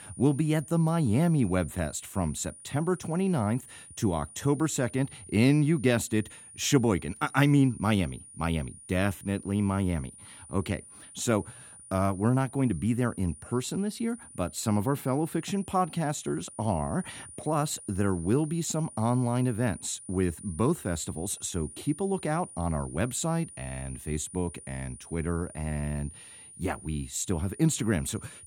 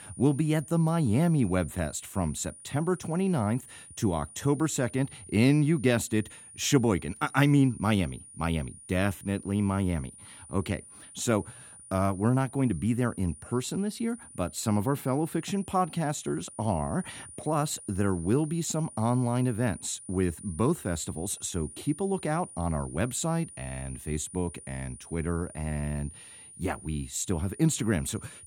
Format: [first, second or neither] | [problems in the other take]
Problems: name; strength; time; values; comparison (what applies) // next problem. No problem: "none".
neither | high-pitched whine; noticeable; throughout; 9.5 kHz, 15 dB below the speech; the same in both